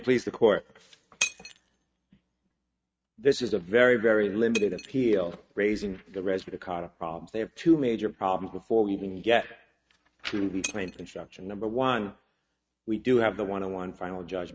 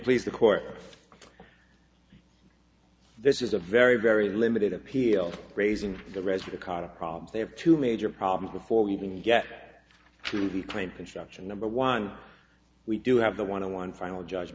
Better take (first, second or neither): second